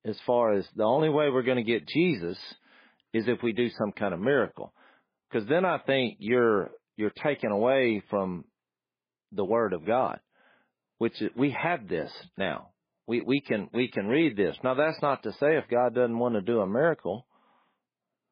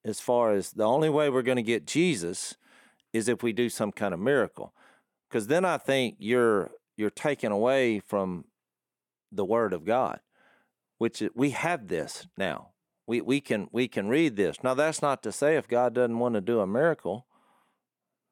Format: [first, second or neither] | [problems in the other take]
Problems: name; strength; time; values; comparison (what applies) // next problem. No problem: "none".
second | garbled, watery; badly; nothing above 5 kHz